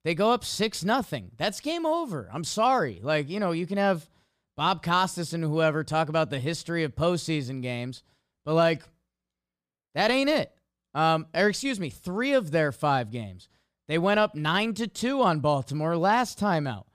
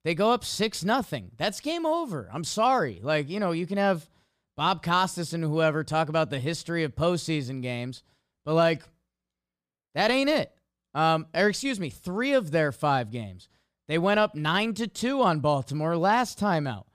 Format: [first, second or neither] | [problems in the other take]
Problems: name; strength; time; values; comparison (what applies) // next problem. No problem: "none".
neither | none